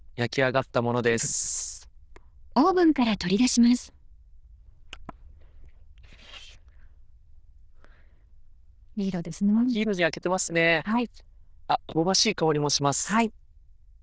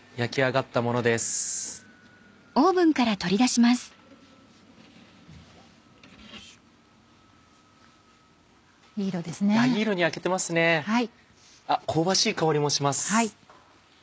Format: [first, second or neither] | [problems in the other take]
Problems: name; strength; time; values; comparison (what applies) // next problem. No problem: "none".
second | noise reduction (neural diffusion model UNIVERSE++)